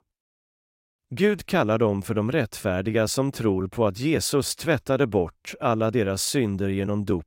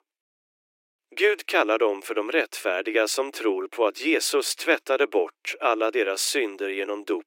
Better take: first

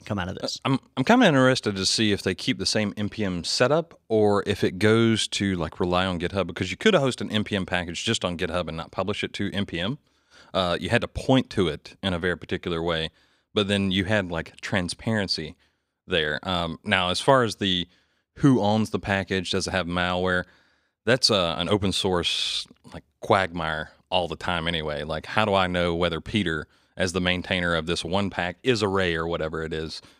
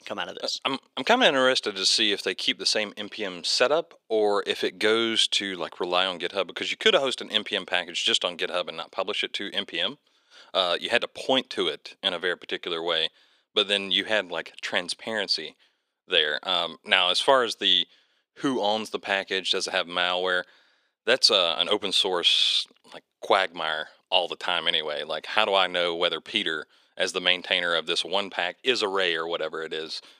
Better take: first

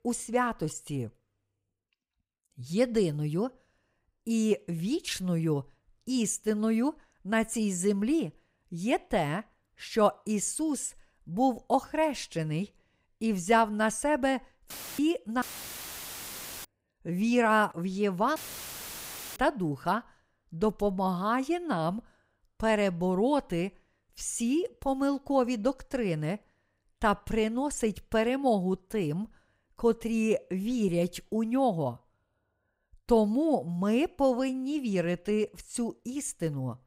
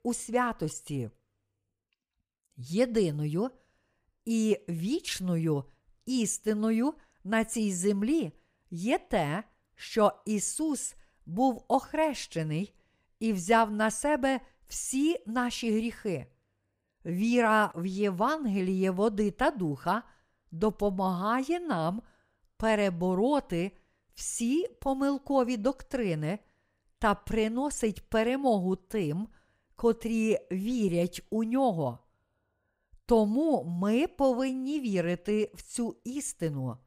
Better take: second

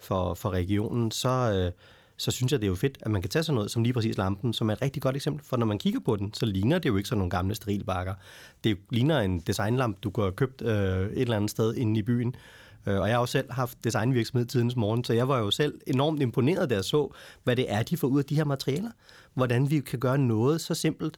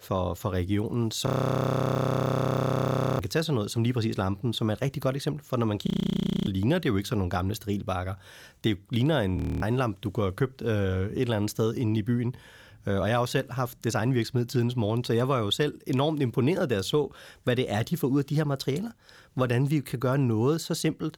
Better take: first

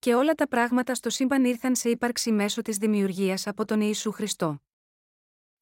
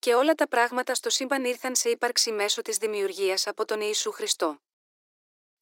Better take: first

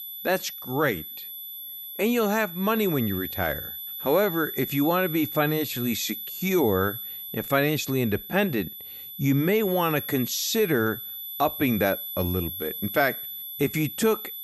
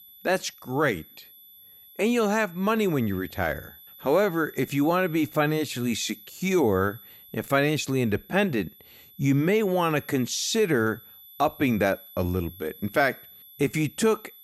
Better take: second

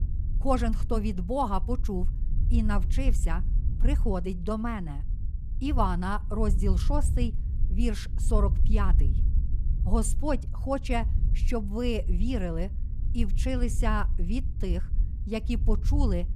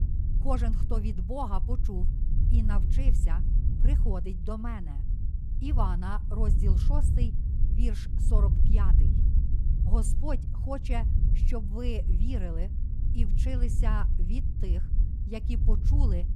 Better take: first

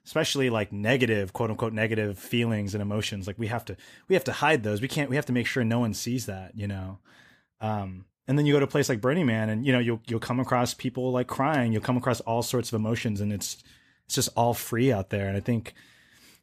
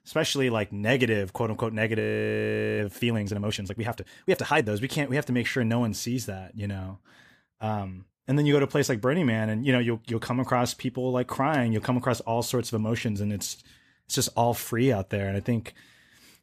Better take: first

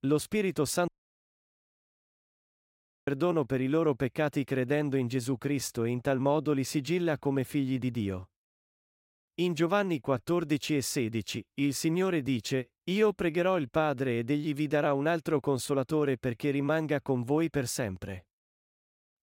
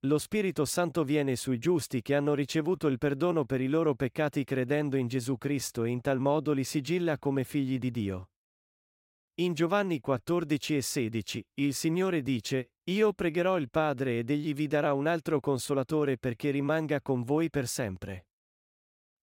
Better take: second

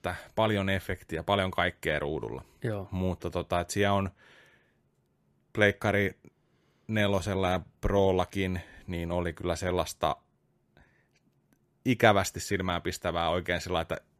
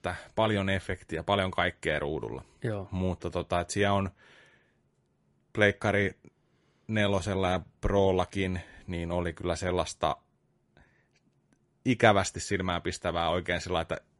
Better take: first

